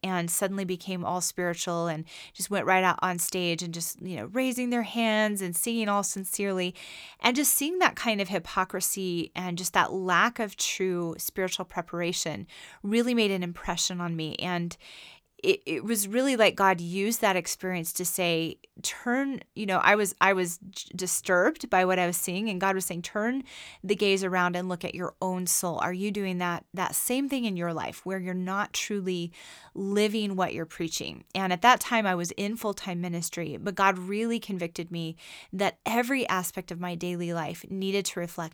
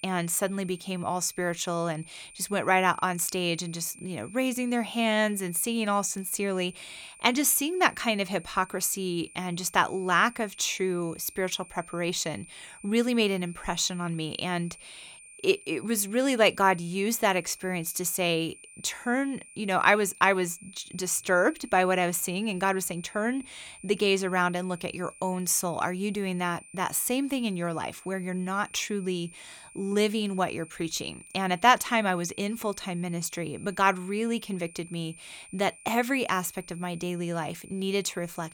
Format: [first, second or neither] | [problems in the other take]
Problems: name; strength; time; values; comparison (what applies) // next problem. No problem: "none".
first | high-pitched whine; faint; throughout; 9 kHz, 20 dB below the speech